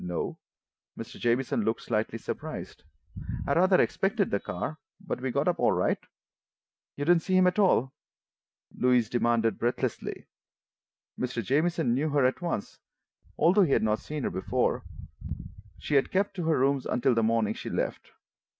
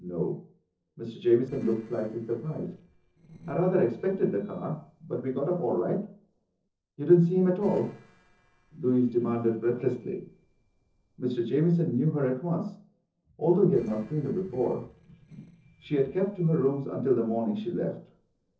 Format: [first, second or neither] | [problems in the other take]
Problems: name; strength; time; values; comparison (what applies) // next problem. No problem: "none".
first | noise reduction (neural separator model SepFormer DNS4)